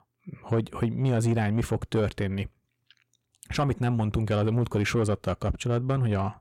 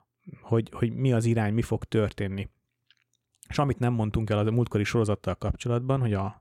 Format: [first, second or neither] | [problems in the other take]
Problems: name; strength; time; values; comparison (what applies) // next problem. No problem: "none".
second | distortion; slight; 10 dB below the speech